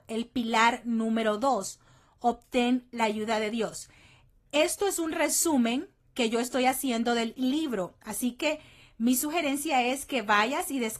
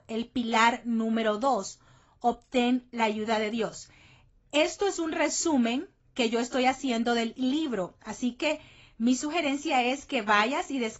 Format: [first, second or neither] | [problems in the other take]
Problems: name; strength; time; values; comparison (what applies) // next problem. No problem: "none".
first | garbled, watery; badly; nothing above 7.5 kHz; slightly in the first